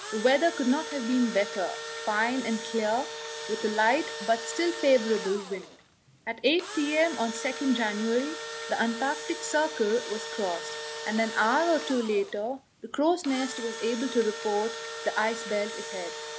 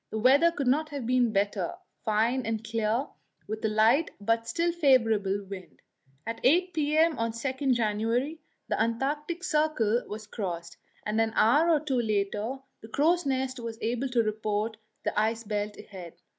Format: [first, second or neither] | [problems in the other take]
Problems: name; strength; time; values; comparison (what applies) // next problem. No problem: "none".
second | background sound (Engine / Drill); 9 dB below the speech